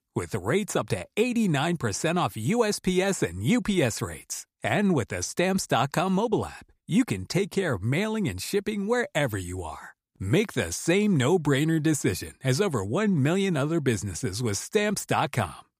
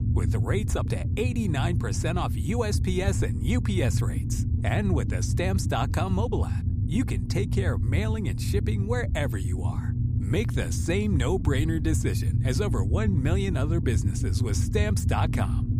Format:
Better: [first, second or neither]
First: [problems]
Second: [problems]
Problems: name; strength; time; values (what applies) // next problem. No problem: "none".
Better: first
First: none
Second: low rumble; loud; throughout; 8 dB below the speech